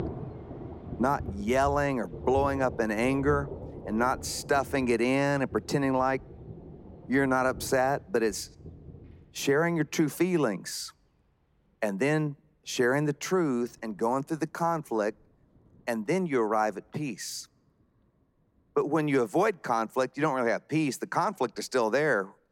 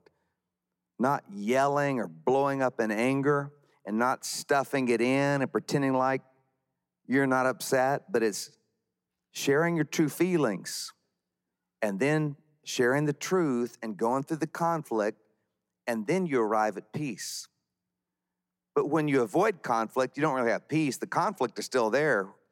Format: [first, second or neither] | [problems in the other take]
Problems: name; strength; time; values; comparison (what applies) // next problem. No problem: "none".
second | rain or running water; noticeable; throughout; 15 dB below the speech